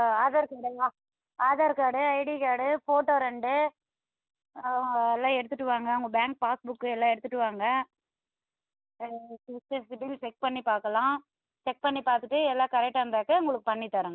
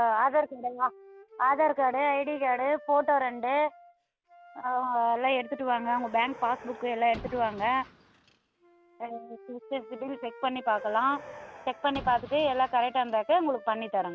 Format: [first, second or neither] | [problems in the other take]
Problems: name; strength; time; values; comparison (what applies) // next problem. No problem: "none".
first | background sound (Car + Wind instrument, woodwind instrument); 19 dB below the speech